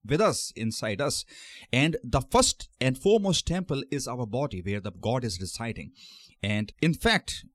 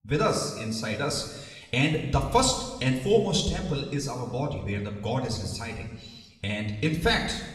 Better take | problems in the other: first | room echo; noticeable; dies away in 1.1 s // off-mic speech; somewhat distant

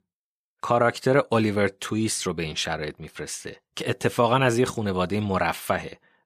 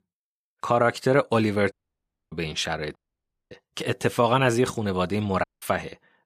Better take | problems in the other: first | audio cutting out; at 1.5 s for 0.5 s, at 3 s for 0.5 s and at 5.5 s

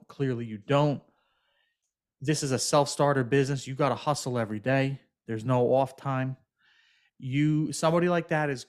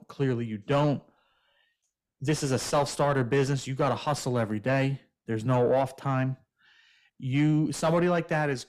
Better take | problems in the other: first | distortion; slight; 10 dB below the speech

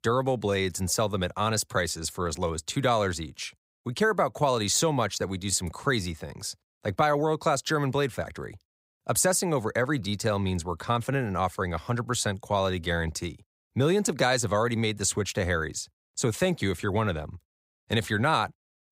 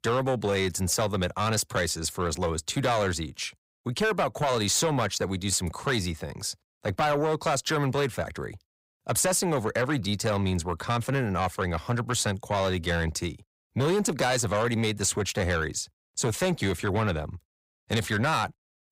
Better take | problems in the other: first | distortion; slight; 10 dB below the speech

